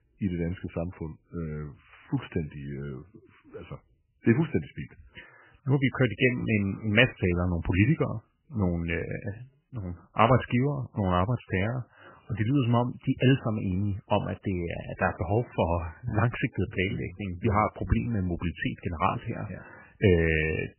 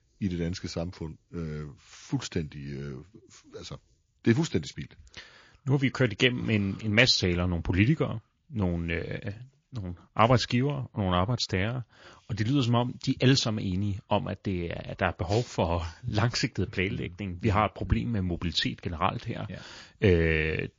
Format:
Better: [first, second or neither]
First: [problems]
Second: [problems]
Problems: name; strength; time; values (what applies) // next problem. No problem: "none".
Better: second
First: garbled, watery; badly; nothing above 3 kHz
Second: garbled, watery; slightly; nothing above 6.5 kHz